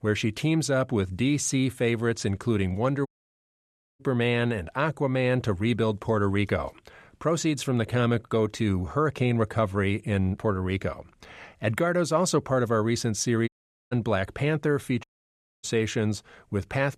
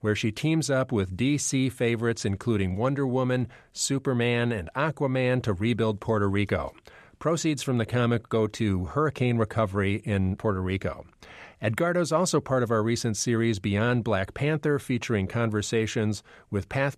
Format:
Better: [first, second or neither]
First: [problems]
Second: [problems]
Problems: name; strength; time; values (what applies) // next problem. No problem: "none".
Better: second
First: audio cutting out; at 3 s for 1 s, at 13 s and at 15 s for 0.5 s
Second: none